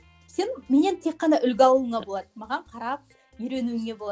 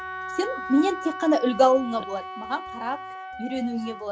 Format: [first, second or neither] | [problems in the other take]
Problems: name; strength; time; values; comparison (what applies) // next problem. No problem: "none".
first | background sound (Wind instrument, woodwind instrument); 10 dB below the speech